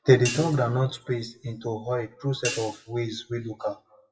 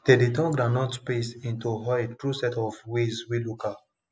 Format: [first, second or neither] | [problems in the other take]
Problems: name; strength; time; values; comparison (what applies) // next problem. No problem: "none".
second | noise reduction (classical method WPE with log-MMSE)